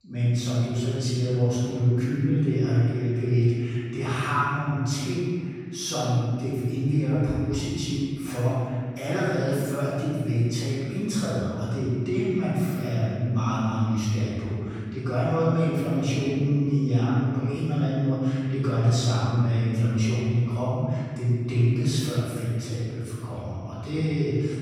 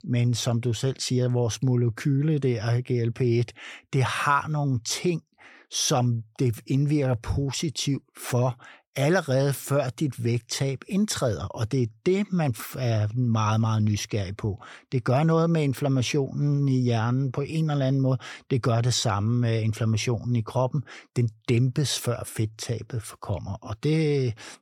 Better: second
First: off-mic speech; far // room echo; strong; dies away in 2.2 s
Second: none

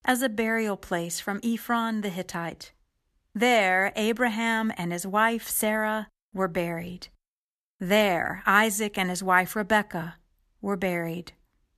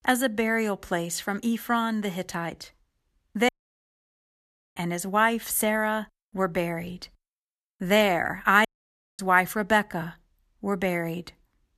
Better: first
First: none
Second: audio cutting out; at 3.5 s for 1.5 s and at 8.5 s for 0.5 s

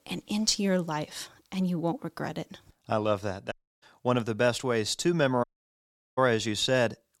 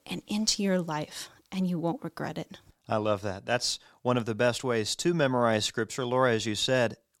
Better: second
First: audio cutting out; at 3.5 s and at 5.5 s for 0.5 s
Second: none

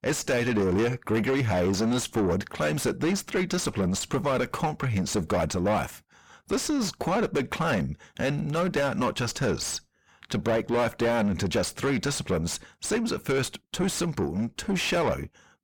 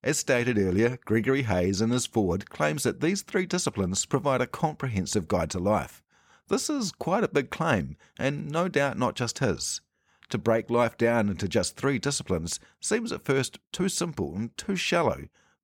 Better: second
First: distortion; heavy; 6 dB below the speech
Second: none

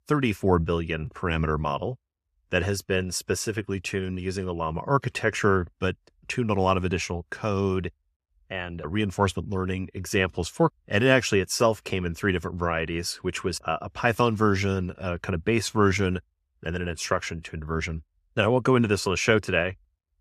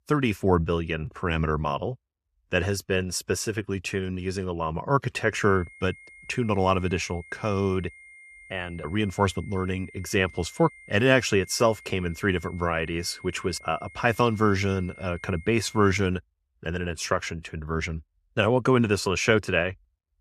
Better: first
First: none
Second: high-pitched whine; faint; from 5.5 to 16 s; 2 kHz, 20 dB below the speech

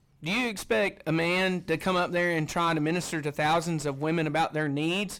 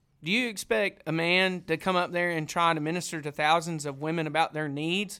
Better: second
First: distortion; heavy; 7 dB below the speech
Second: none

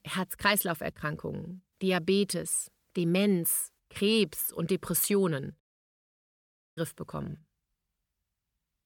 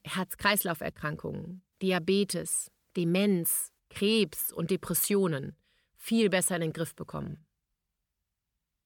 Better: second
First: audio cutting out; at 5.5 s for 1 s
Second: none

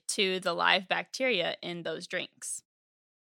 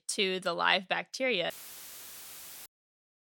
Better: first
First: none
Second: audio cutting out; filled with static; at 1.5 s for 1 s

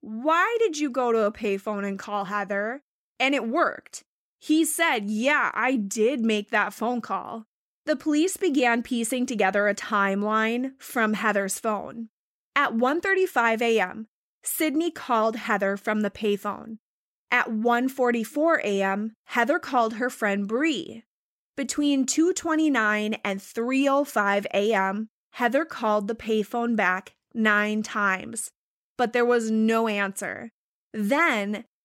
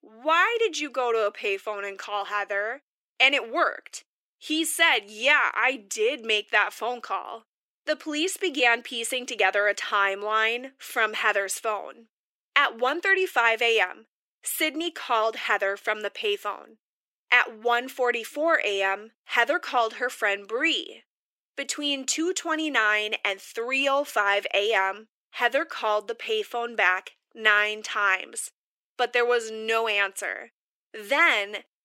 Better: first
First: none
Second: thin; very; fading below 350 Hz

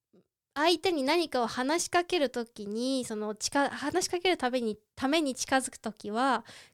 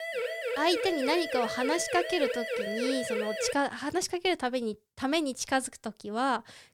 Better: first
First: none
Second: siren; noticeable; until 3.5 s; peak 2 dB below the speech

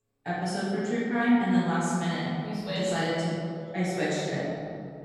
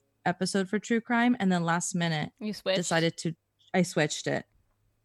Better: second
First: room echo; strong; dies away in 2.3 s // off-mic speech; far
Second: none

